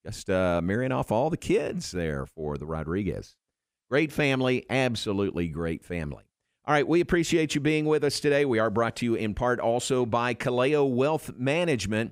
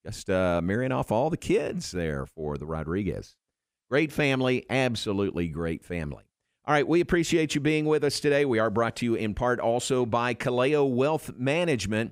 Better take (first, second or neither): neither